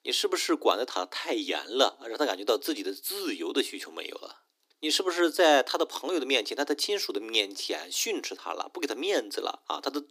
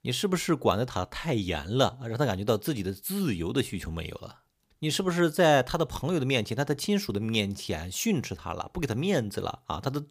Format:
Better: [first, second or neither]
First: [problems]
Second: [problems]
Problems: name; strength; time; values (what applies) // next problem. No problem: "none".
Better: second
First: thin; somewhat; fading below 300 Hz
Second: none